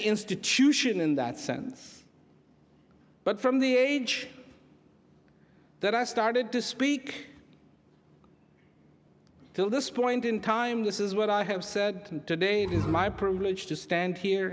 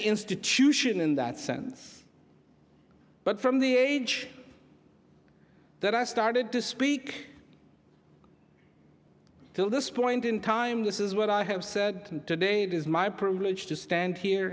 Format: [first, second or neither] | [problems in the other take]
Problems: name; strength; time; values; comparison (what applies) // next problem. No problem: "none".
second | background sound (Bowed string instrument); 6 dB below the speech